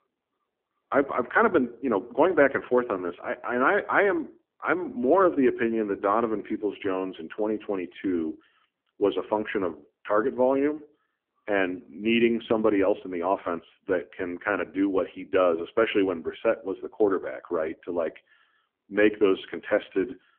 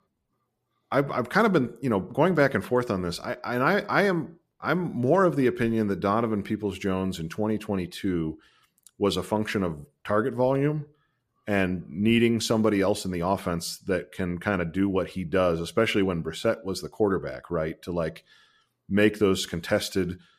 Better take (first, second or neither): second